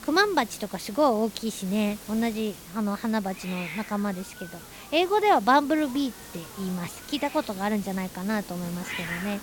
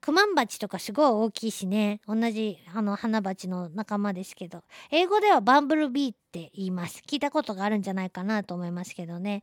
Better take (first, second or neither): second